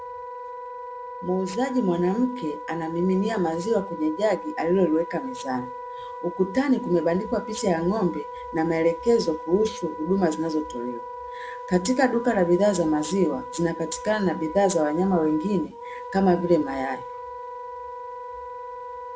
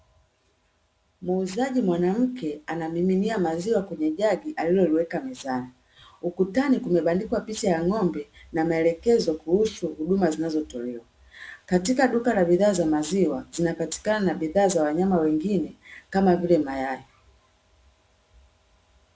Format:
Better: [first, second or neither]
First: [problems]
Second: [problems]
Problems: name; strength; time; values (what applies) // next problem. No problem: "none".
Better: second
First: background sound (Wind instrument, woodwind instrument); 11 dB below the speech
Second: none